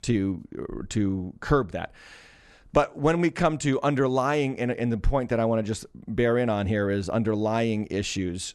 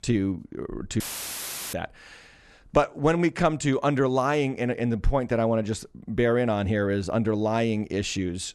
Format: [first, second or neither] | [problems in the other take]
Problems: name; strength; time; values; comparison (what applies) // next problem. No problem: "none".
first | audio cutting out; filled with static; at 1 s for 0.5 s